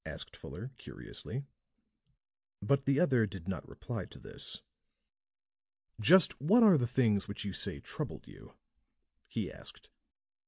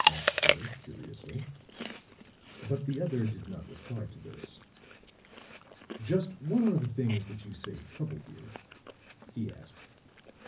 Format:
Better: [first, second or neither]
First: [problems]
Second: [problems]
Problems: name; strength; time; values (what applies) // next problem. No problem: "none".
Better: first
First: none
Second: background sound (Chewing, mastication); 1 dB below the speech // room echo; dies away in 0.4 s